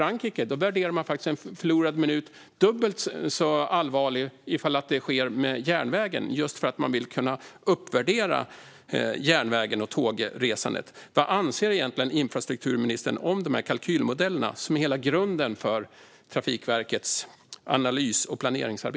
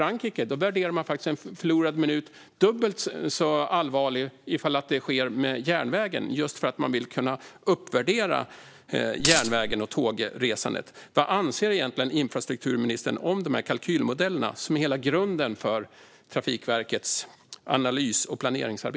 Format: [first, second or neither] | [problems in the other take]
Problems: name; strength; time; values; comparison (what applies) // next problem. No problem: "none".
first | background sound (Coin (dropping)); as loud as the speech